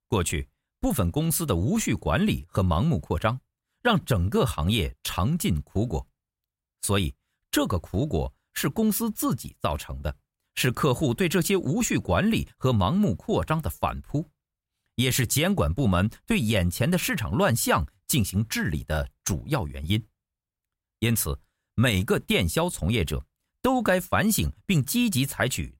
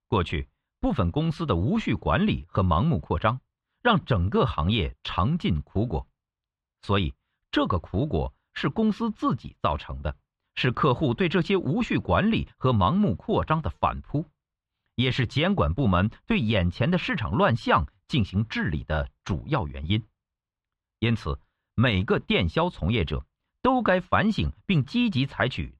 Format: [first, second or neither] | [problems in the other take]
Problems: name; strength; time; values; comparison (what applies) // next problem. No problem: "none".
first | muffled; very; fading above 3.5 kHz